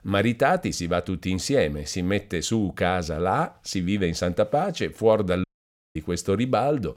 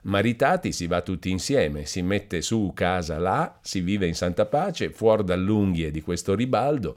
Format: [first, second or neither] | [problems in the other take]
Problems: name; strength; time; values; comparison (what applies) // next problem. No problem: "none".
second | audio cutting out; at 5.5 s for 0.5 s